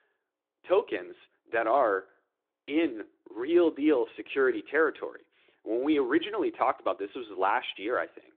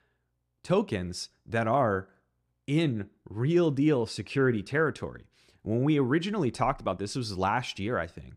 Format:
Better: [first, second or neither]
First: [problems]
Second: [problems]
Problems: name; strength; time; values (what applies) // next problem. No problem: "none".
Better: second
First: phone-call audio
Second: none